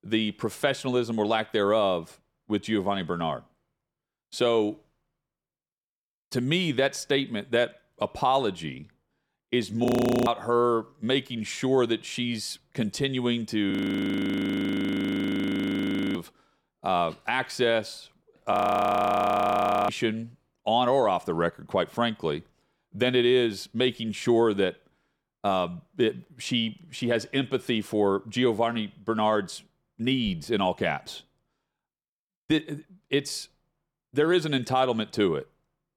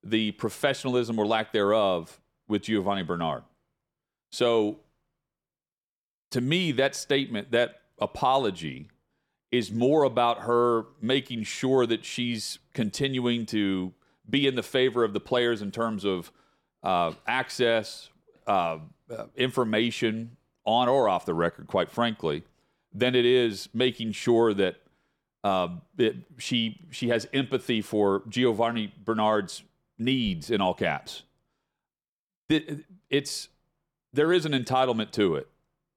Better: second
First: audio freezing; at 10 s, at 14 s for 2.5 s and at 19 s for 1.5 s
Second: none

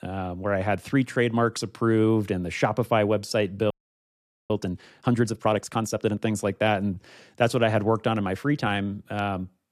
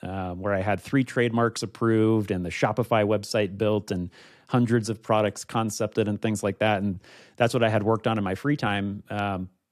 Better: second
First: audio freezing; at 3.5 s for 1 s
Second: none

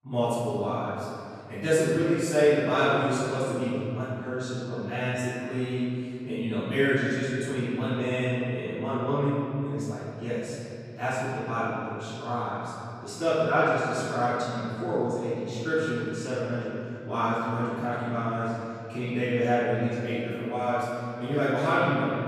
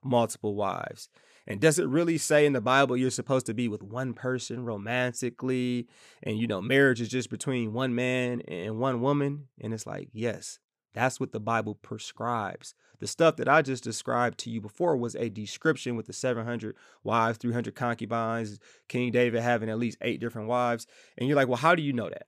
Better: second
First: off-mic speech; far // room echo; strong; dies away in 2.3 s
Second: none

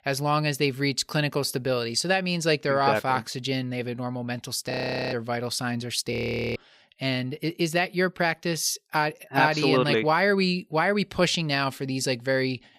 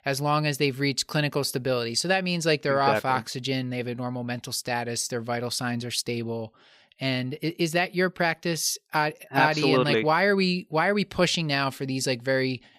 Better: second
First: audio freezing; at 4.5 s and at 6 s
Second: none

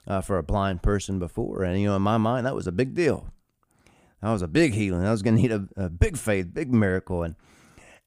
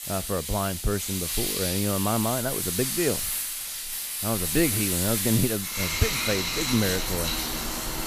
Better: first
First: none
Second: household noises; very loud; throughout; 1 dB above the speech

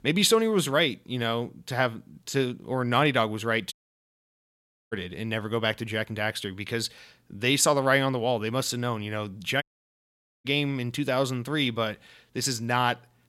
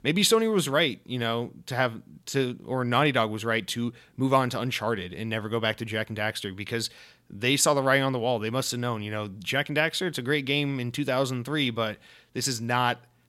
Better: second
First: audio cutting out; at 3.5 s for 1 s and at 9.5 s for 1 s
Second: none

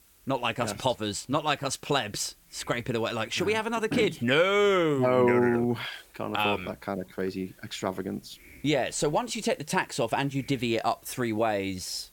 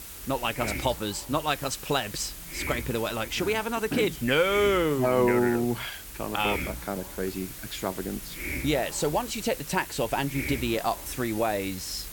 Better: first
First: hiss; faint; throughout; 30 dB below the speech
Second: hiss; loud; throughout; 9 dB below the speech

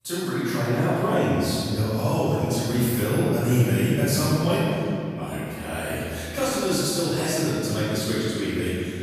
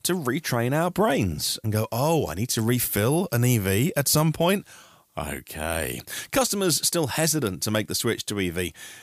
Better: second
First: off-mic speech; far // room echo; strong; dies away in 2.7 s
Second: none

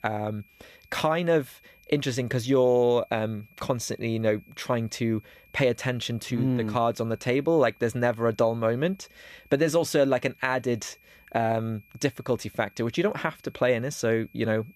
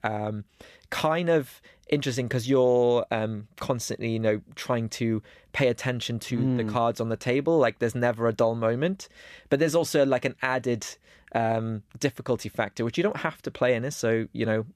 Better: second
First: high-pitched whine; faint; throughout; 2.5 kHz, 30 dB below the speech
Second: none

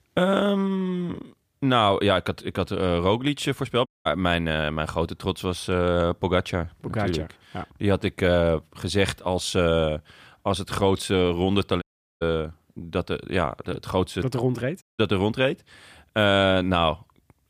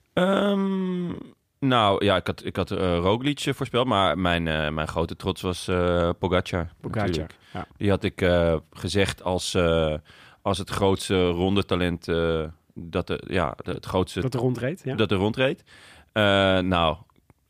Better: second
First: audio cutting out; at 4 s, at 12 s and at 15 s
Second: none

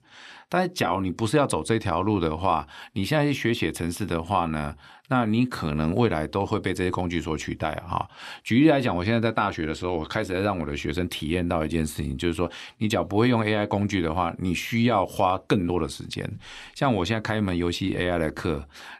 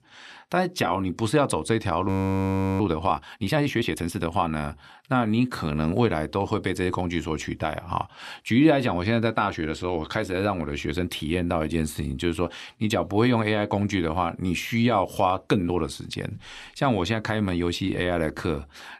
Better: first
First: none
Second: audio freezing; at 2 s for 0.5 s

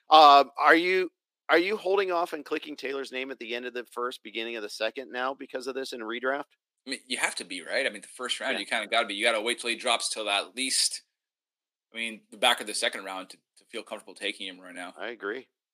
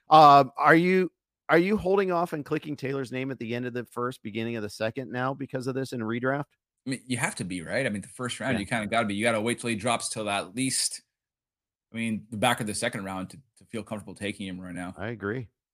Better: second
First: thin; somewhat; fading below 300 Hz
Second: none

